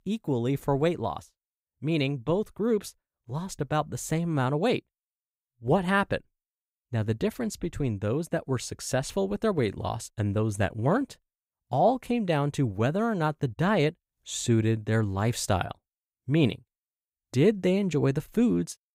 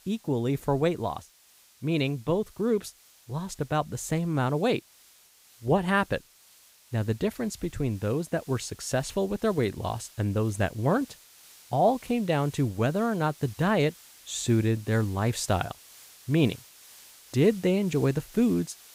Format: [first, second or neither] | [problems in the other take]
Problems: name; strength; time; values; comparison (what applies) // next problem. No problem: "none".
first | hiss; faint; throughout; 25 dB below the speech